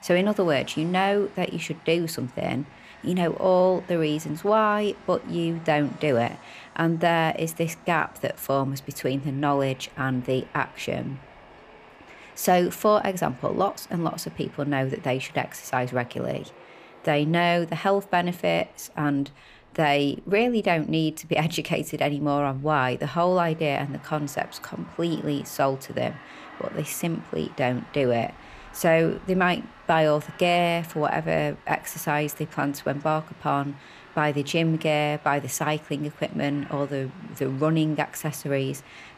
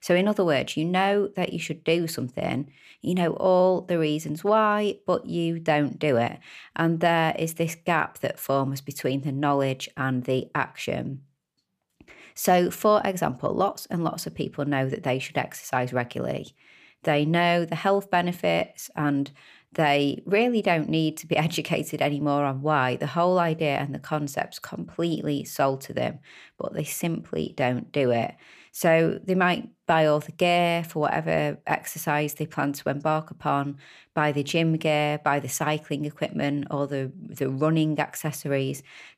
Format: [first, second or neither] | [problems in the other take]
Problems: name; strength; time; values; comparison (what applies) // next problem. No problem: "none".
second | train or aircraft noise; faint; throughout; 25 dB below the speech